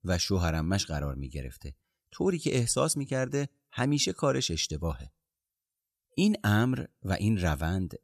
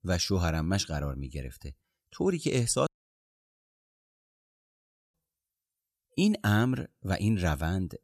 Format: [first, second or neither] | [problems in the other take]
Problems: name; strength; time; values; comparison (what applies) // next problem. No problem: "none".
first | audio cutting out; at 3 s for 2.5 s